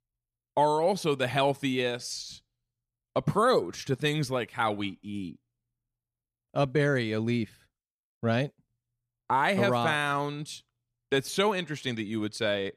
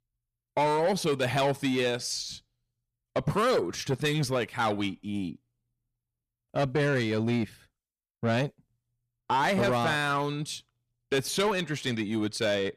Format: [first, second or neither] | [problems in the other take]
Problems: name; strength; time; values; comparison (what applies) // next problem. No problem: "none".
first | distortion; slight; 10 dB below the speech